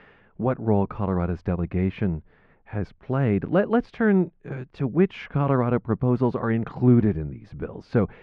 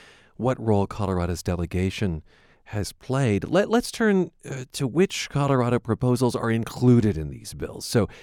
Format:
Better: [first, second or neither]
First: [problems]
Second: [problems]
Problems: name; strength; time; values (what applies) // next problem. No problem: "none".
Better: second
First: muffled; very; fading above 2 kHz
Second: none